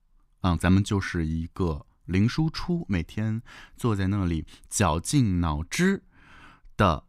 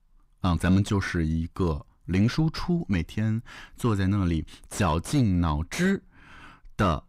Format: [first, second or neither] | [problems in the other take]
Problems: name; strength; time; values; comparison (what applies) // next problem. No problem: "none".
first | distortion; slight; 10 dB below the speech